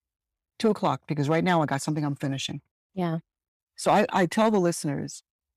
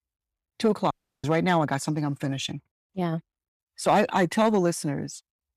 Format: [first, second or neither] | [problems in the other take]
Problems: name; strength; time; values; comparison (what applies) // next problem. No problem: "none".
first | audio cutting out; at 1 s